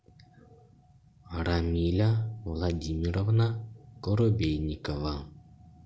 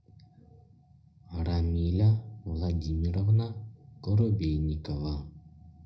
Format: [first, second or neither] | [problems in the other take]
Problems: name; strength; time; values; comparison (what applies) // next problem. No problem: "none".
first | room echo; dies away in 0.4 s